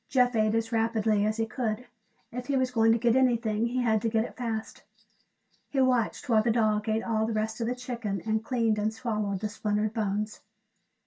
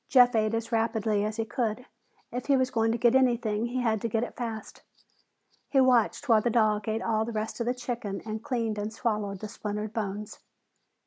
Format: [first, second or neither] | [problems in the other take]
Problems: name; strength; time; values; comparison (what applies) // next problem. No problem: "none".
second | room echo; dies away in 0.1 s